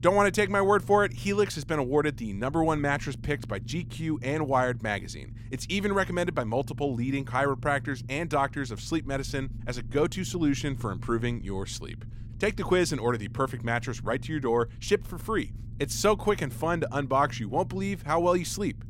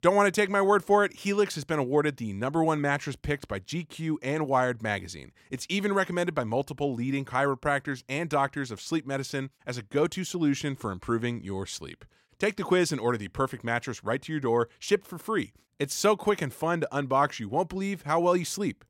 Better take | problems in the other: second | low rumble; faint; throughout; 25 dB below the speech

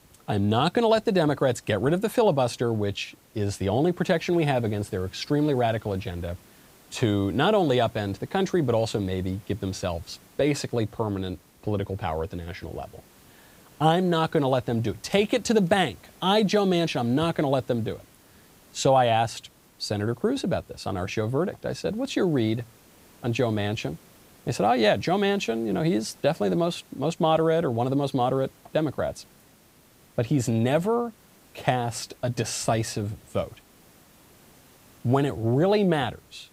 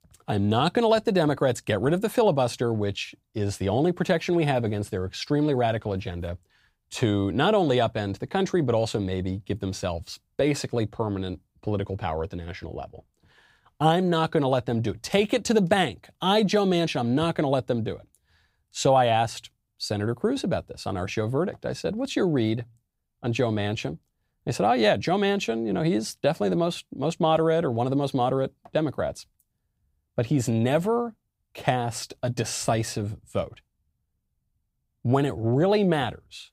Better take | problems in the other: second | hiss; faint; throughout; 30 dB below the speech

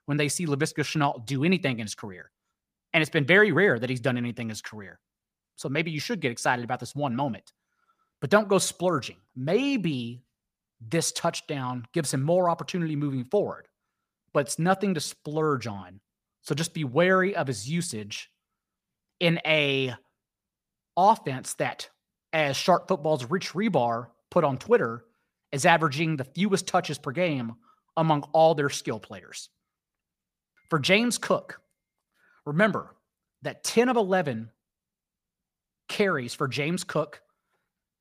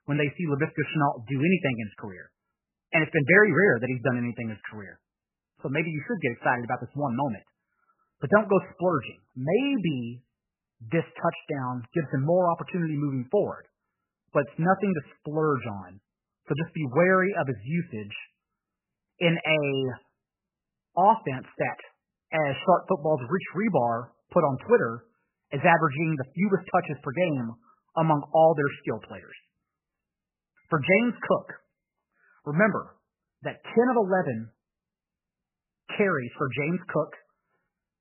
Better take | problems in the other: first | garbled, watery; badly; nothing above 3 kHz

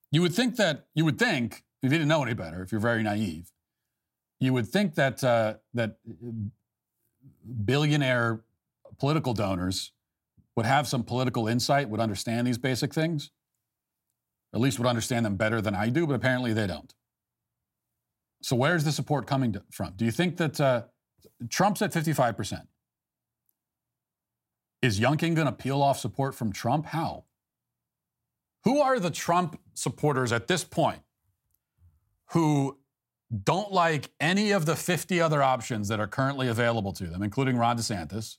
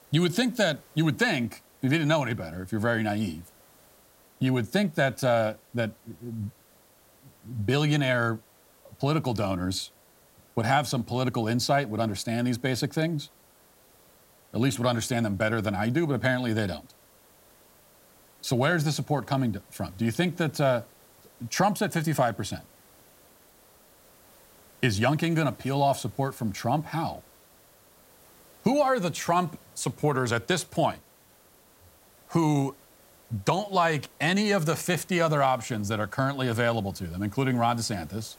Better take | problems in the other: first | hiss; faint; throughout; 30 dB below the speech

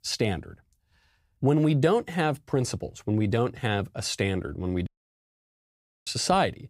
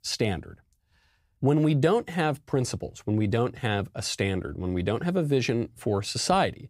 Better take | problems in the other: second | audio cutting out; at 5 s for 1 s

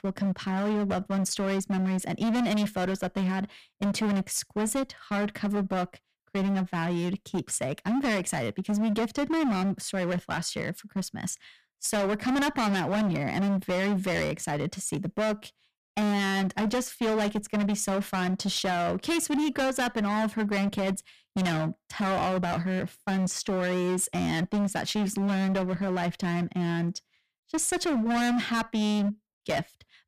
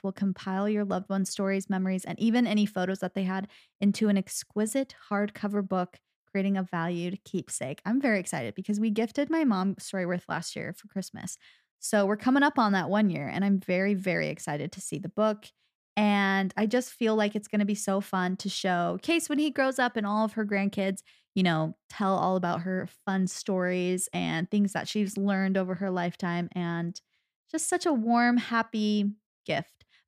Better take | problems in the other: second | distortion; heavy; 24% of the sound clipped

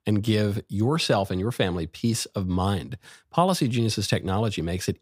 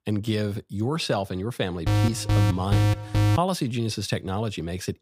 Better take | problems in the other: first | alarm; loud; from 2 to 3.5 s; peak 5 dB above the speech

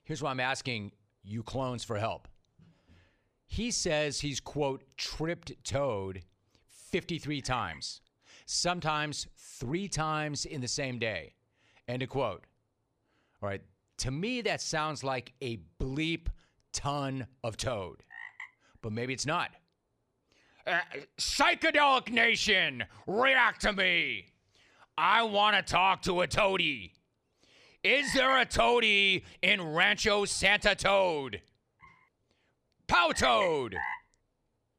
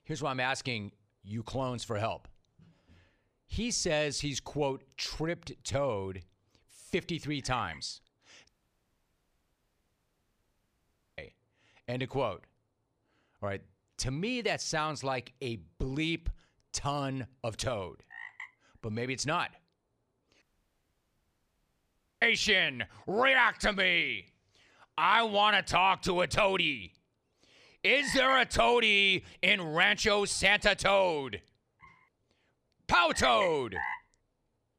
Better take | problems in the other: first | audio cutting out; at 8.5 s for 2.5 s and at 20 s for 2 s

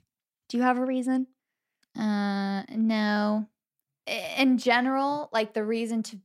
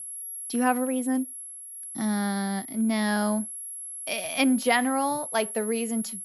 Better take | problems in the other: first | high-pitched whine; loud; throughout; 11 kHz, 8 dB below the speech

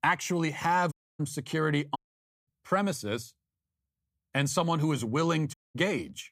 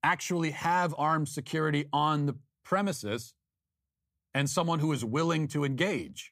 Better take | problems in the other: second | audio cutting out; at 1 s, at 2 s for 0.5 s and at 5.5 s

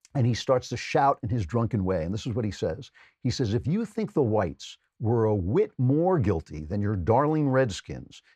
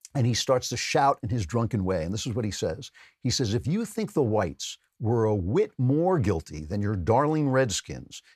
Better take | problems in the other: second | muffled; slightly; fading above 2 kHz

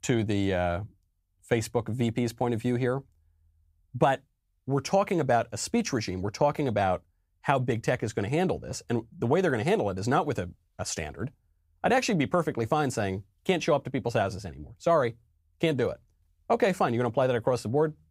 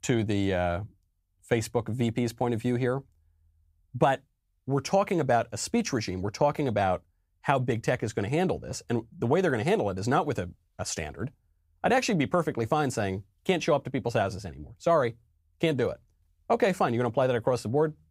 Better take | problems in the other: neither | none

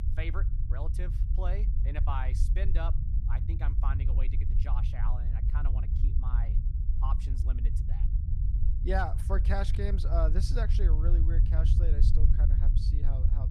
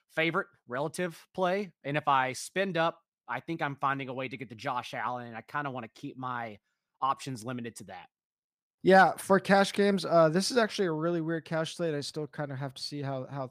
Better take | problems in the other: second | low rumble; loud; throughout; 7 dB below the speech

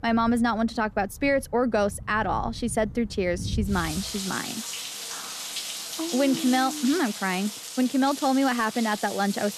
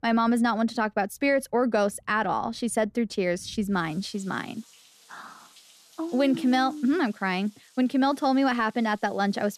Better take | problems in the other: second | rain or running water; loud; throughout; 8 dB below the speech; faint in the second

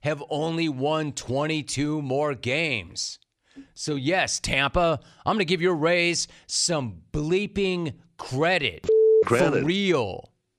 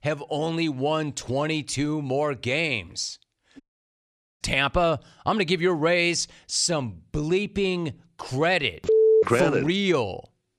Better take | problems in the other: first | audio cutting out; at 3.5 s for 1 s

